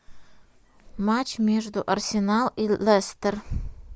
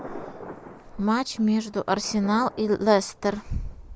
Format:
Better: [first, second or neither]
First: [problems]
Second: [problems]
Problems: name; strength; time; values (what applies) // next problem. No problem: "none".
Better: first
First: none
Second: background sound (Thunder); 18 dB below the speech